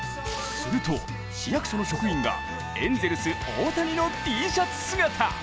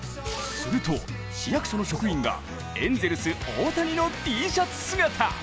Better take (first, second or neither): second